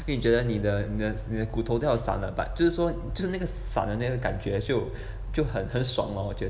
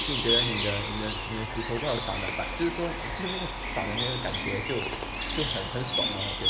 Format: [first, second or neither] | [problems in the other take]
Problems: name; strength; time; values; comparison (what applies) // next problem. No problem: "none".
first | background sound (Bird); 1 dB above the speech